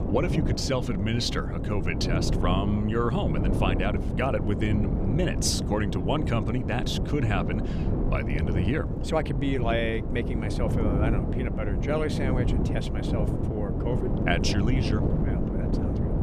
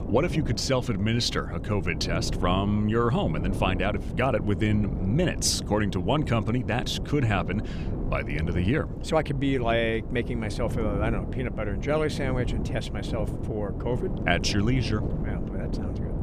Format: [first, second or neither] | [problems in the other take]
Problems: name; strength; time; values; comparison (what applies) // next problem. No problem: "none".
second | wind noise on the microphone; heavy; 5 dB below the speech; occasional gusts in the second